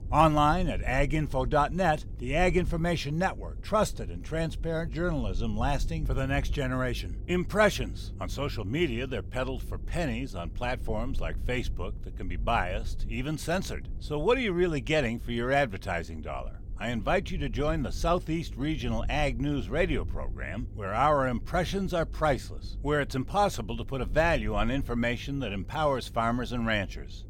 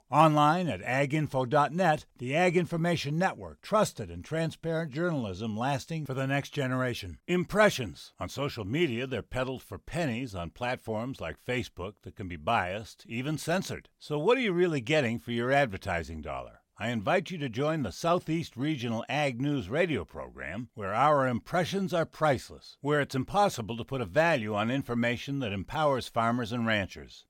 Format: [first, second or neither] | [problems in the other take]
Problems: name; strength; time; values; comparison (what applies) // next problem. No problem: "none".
second | low rumble; faint; throughout; 25 dB below the speech